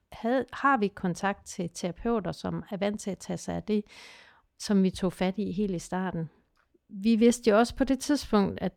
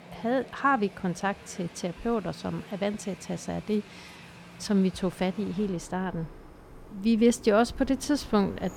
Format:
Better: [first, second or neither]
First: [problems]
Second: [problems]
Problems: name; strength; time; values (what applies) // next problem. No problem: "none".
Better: first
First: none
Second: train or aircraft noise; noticeable; throughout; 20 dB below the speech